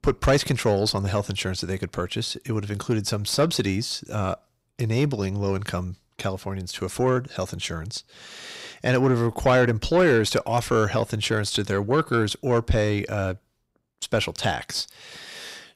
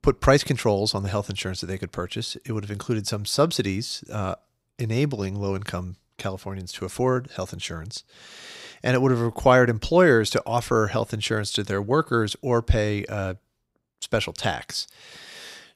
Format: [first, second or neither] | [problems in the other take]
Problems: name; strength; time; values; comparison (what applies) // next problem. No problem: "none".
second | distortion; slight; 10 dB below the speech